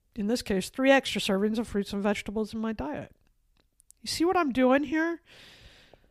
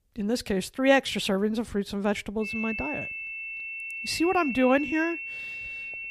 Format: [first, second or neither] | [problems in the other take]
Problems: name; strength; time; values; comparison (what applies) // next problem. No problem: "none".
first | high-pitched whine; loud; from 2.5 s on; 2.5 kHz, 6 dB below the speech